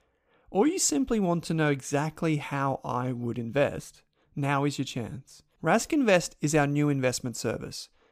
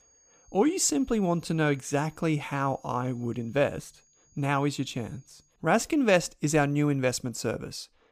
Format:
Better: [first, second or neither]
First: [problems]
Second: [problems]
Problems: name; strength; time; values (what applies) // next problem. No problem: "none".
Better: first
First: none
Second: high-pitched whine; faint; until 5.5 s; 6.5 kHz, 35 dB below the speech